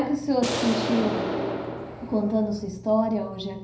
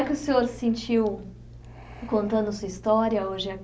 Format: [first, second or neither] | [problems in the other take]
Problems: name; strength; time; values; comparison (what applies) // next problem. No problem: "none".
second | background sound (Explosion); 3 dB below the speech // room echo; dies away in 0.5 s